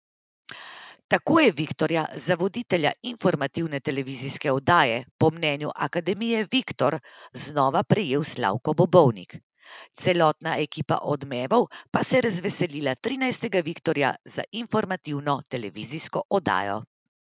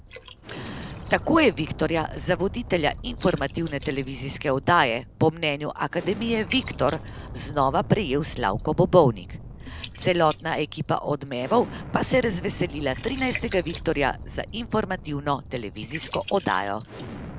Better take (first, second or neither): first